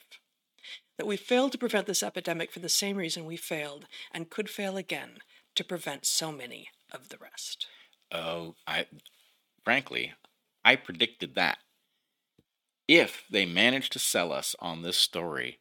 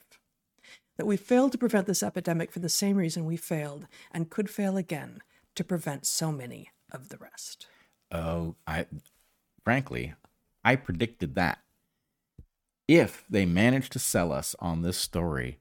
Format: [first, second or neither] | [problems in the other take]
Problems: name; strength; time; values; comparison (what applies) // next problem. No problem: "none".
second | thin; very slightly; fading below 300 Hz